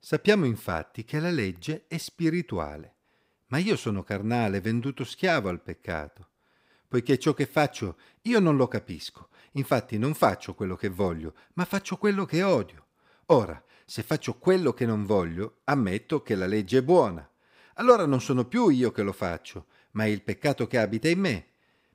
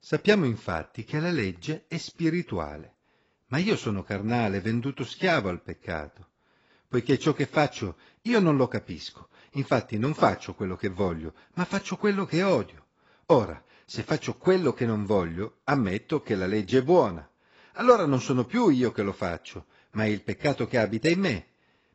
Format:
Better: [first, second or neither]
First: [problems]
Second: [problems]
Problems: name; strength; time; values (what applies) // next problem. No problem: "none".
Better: first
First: none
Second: garbled, watery; badly; nothing above 8 kHz